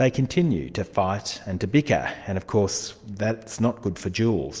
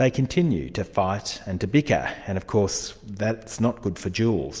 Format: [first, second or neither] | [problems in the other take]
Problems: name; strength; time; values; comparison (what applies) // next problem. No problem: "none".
second | noise reduction (neural separator model SepFormer DNS4)